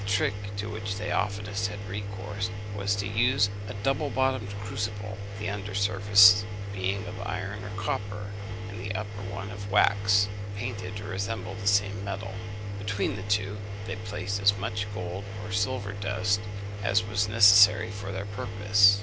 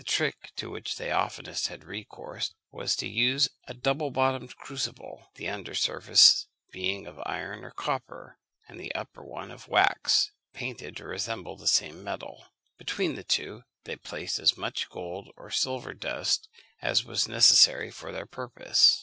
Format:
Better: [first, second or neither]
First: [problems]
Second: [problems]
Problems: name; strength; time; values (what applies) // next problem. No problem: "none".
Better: second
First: background sound (Engine); 3 dB below the speech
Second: none